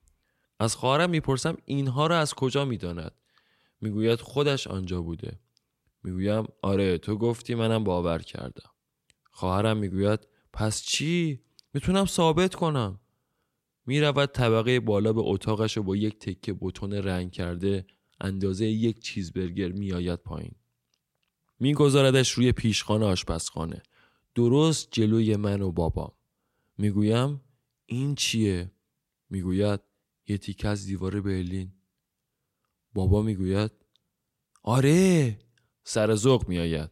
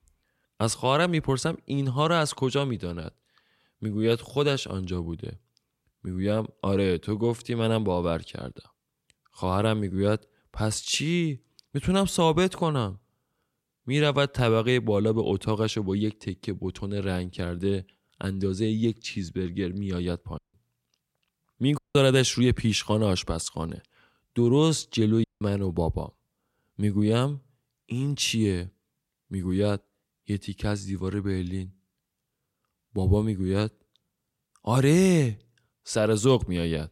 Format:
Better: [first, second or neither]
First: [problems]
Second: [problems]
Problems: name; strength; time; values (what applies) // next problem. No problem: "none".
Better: first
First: none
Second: audio cutting out; at 20 s, at 22 s and at 25 s